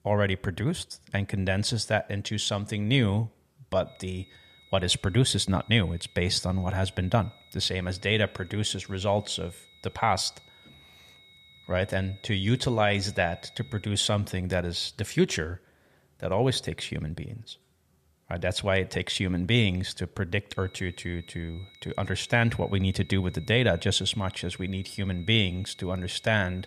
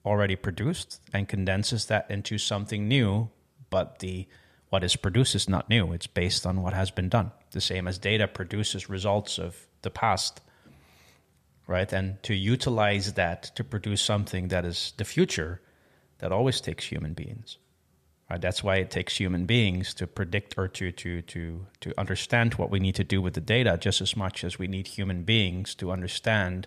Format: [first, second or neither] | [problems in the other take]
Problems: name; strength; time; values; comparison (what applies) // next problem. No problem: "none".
second | high-pitched whine; faint; from 4 to 14 s and from 21 s on; 4 kHz, 25 dB below the speech